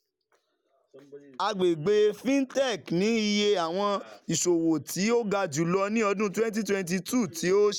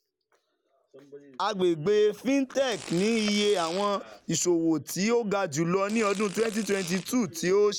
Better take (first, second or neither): first